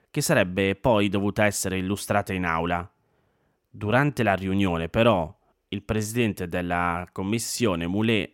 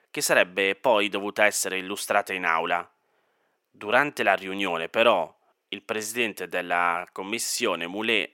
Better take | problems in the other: first | thin; somewhat; fading below 450 Hz

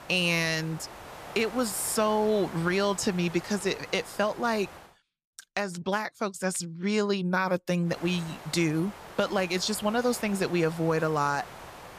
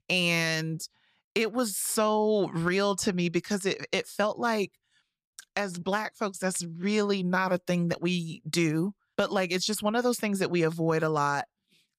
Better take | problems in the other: second | hiss; noticeable; until 5 s and from 8 s on; 15 dB below the speech

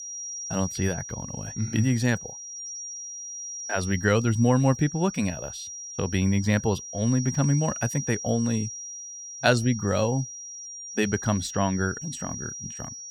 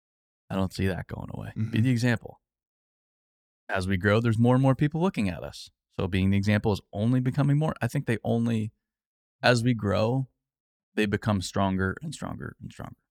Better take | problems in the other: second | high-pitched whine; loud; throughout; 5.5 kHz, 9 dB below the speech

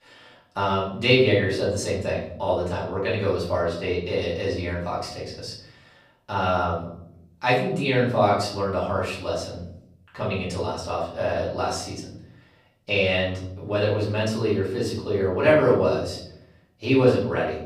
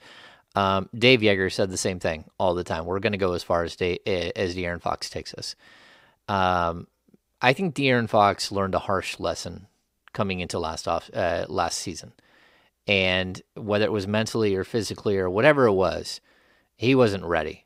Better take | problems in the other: second | off-mic speech; far // room echo; noticeable; dies away in 0.8 s

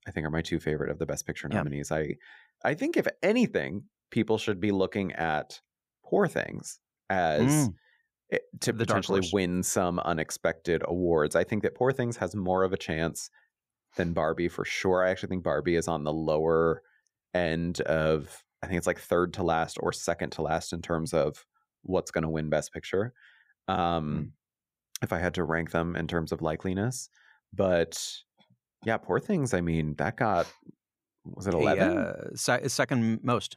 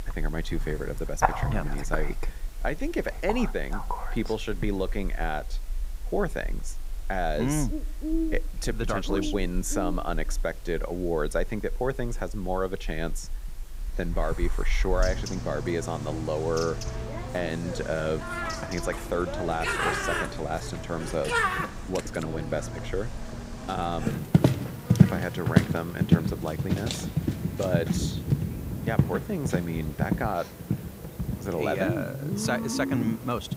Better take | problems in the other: first | animal sounds; very loud; throughout; as loud as the speech

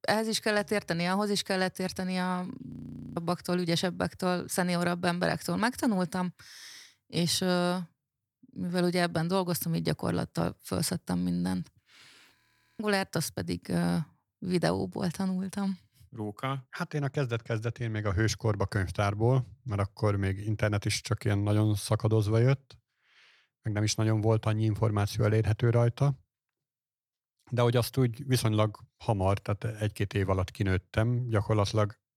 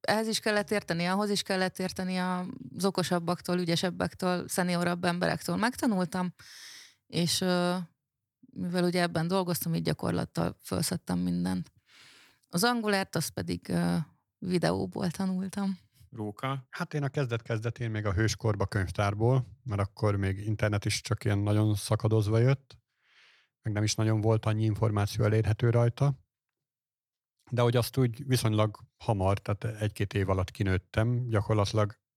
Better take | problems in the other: second | audio freezing; at 2.5 s and at 12 s

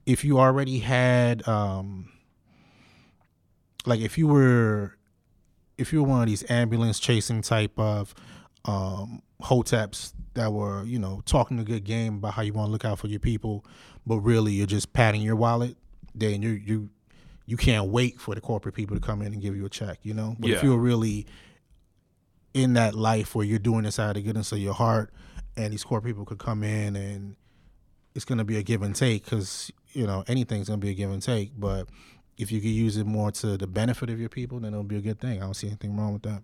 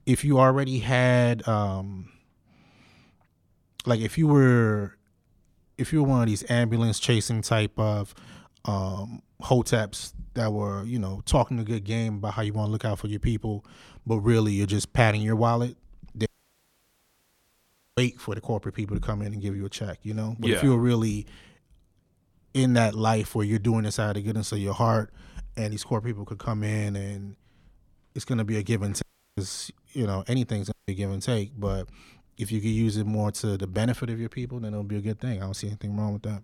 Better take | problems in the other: first | audio cutting out; at 16 s for 1.5 s, at 29 s and at 31 s

